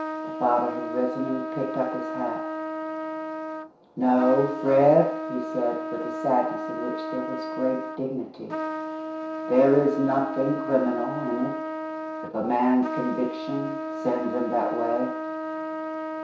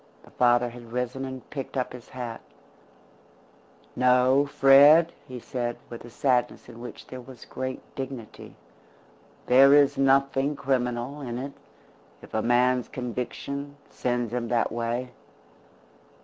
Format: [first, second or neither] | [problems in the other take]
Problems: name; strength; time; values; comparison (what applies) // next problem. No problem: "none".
second | background sound (Trumpet); 6 dB below the speech // room echo; dies away in 0.6 s